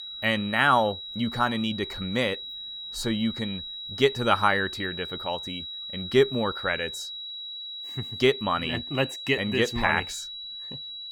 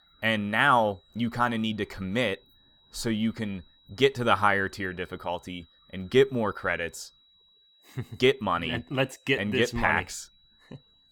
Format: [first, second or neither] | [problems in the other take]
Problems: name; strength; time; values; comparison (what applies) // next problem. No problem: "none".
second | high-pitched whine; loud; throughout; 4 kHz, 9 dB below the speech; faint in the second